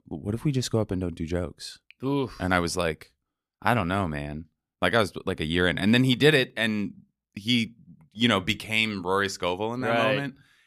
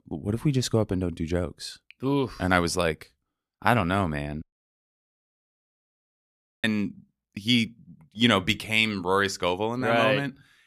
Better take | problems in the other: first | audio cutting out; at 4.5 s for 2 s

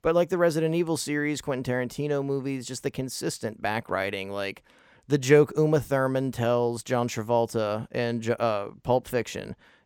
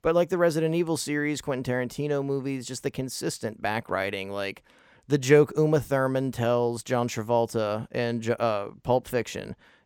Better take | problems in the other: neither | none

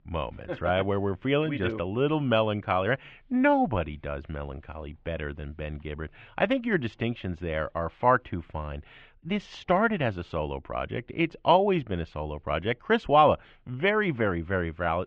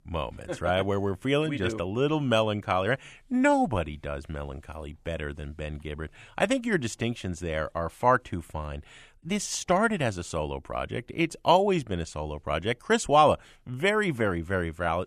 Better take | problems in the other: second | muffled; very; fading above 3.5 kHz

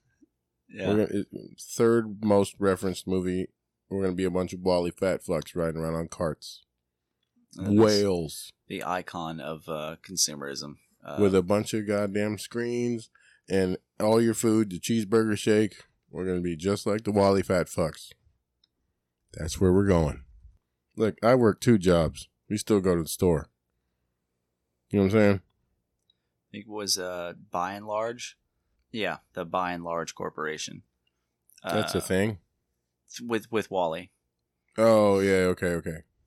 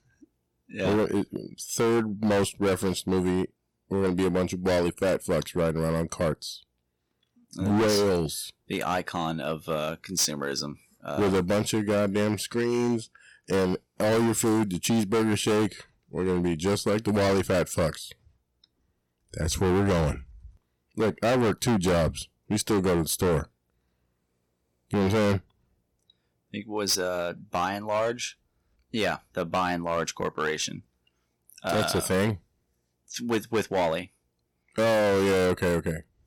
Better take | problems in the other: first | distortion; heavy; 14% of the sound clipped

